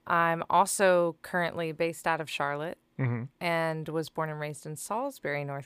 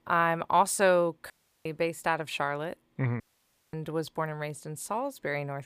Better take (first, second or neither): first